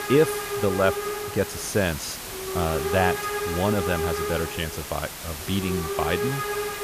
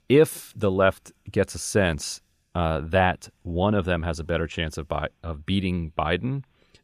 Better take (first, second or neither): second